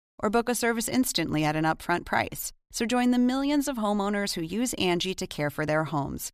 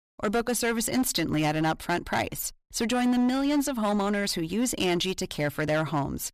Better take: first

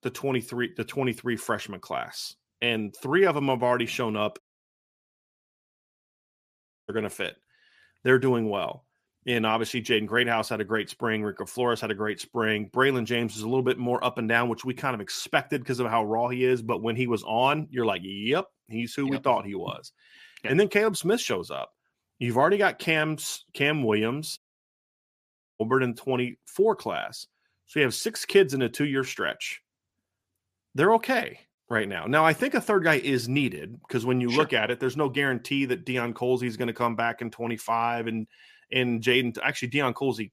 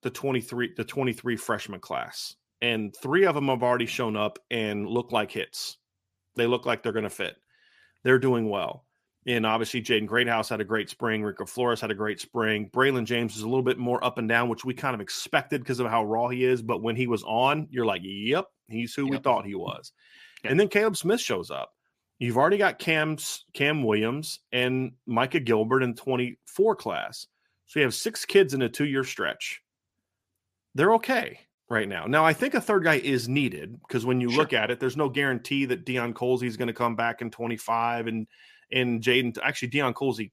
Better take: second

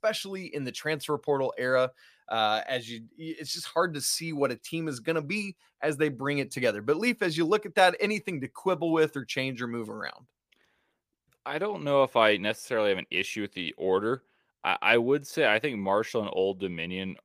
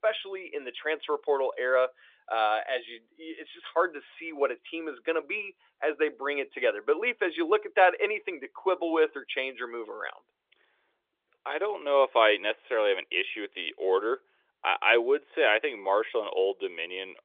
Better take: first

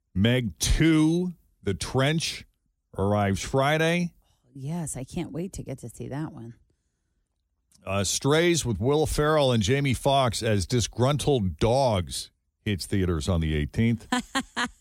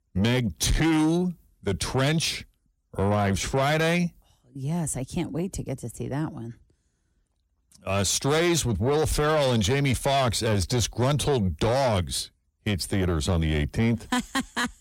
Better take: first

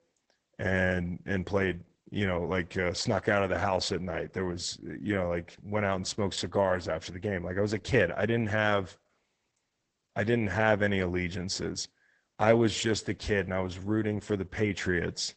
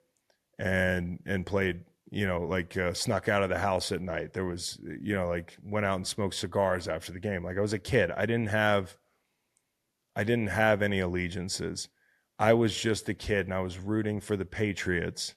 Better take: second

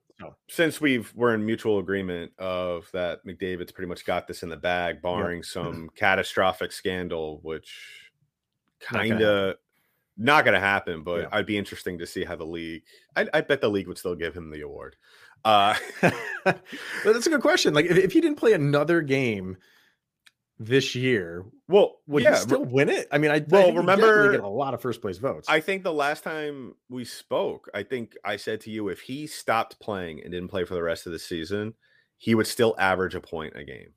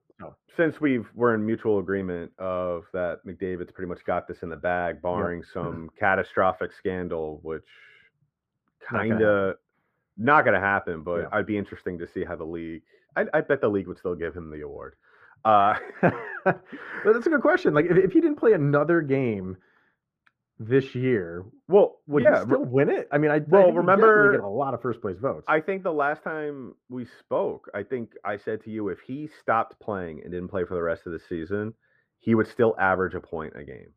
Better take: first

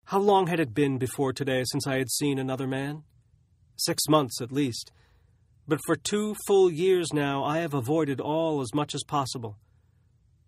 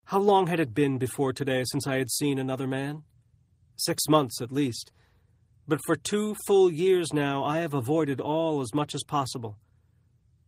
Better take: first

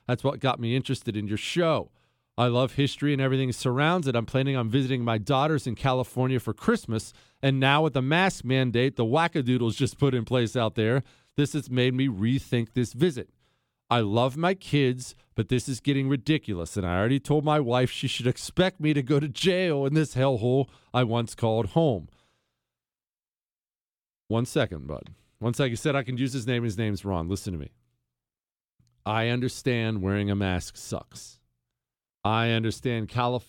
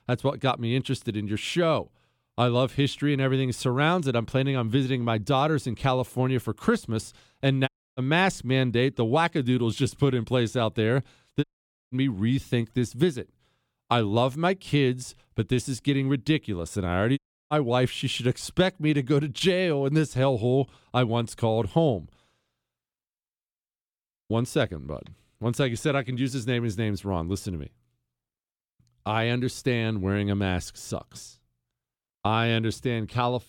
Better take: first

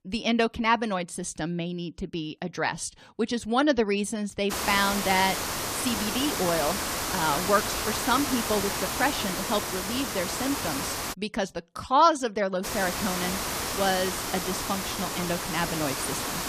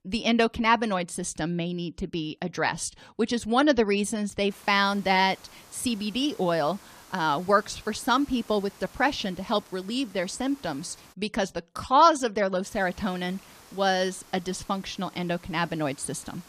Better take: second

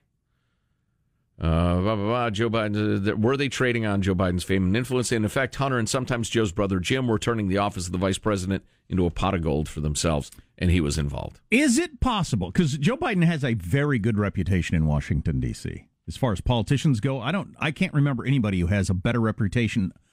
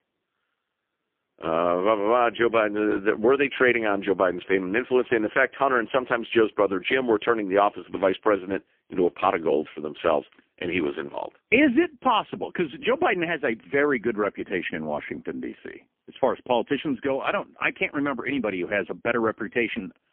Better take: first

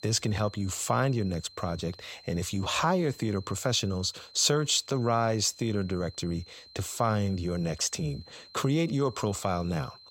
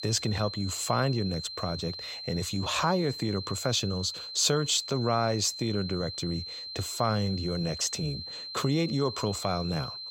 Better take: first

